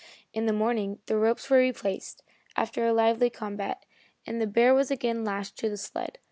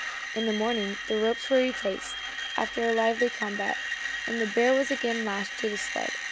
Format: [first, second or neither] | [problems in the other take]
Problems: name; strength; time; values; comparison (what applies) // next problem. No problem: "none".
first | background sound (Screech); 5 dB below the speech